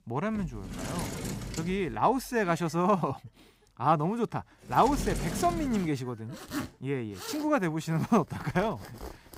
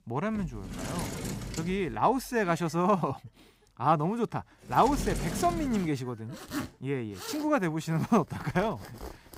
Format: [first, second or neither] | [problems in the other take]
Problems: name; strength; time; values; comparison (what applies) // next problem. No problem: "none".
neither | household noises; loud; throughout; 10 dB below the speech; the same in both